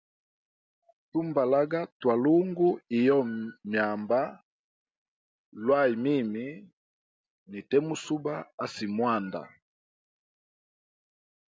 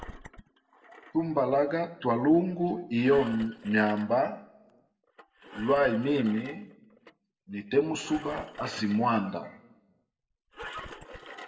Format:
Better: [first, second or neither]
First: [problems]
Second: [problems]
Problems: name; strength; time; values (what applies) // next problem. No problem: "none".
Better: first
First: none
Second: background sound (Engine); 18 dB below the speech // room echo; dies away in 0.6 s